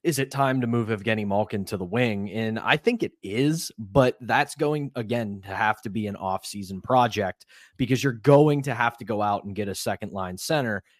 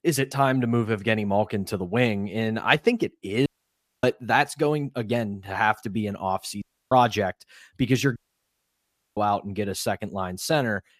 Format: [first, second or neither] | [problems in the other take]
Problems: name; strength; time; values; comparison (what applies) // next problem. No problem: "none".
first | audio cutting out; at 3.5 s for 0.5 s, at 6.5 s and at 8 s for 1 s